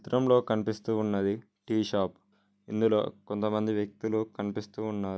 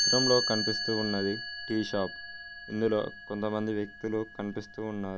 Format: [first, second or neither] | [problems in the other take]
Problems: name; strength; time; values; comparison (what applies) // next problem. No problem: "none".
first | background sound (Chime); 4 dB below the speech